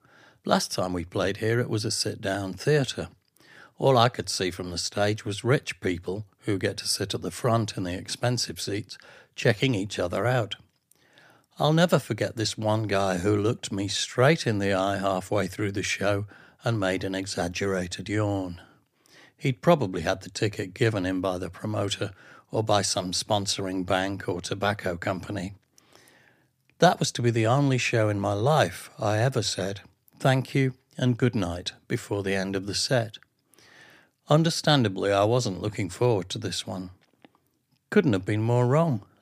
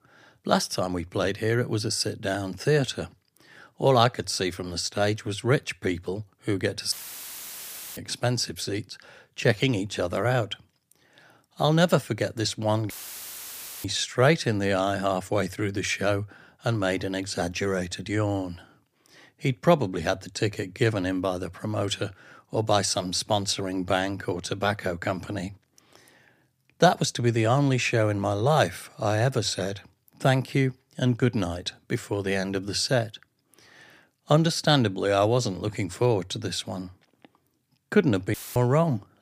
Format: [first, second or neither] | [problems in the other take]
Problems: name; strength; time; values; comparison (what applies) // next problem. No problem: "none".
first | audio cutting out; filled with static; at 7 s for 1 s, at 13 s for 1 s and at 38 s